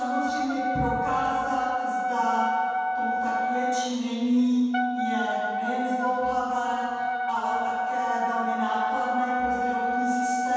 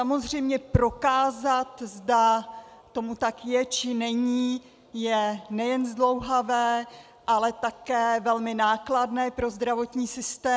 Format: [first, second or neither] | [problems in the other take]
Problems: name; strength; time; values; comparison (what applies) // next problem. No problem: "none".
second | background sound (Wind instrument, woodwind instrument); as loud as the speech // room echo; dies away in 2.1 s